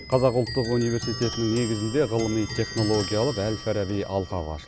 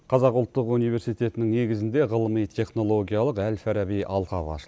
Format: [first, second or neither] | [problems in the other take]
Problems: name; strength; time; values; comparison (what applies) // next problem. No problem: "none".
second | background sound (Clock); 10 dB below the speech